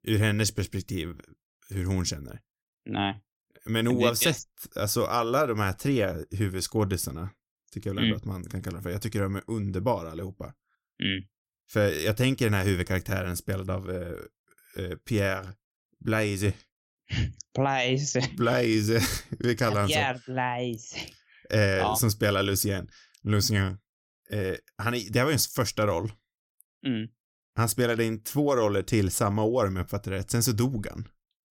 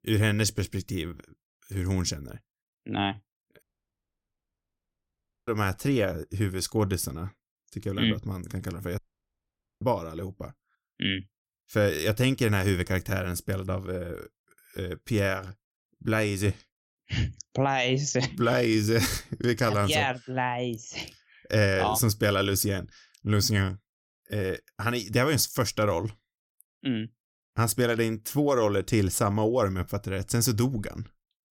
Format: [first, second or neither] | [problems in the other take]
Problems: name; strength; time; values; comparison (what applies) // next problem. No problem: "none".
first | audio cutting out; at 3.5 s for 2 s and at 9 s for 1 s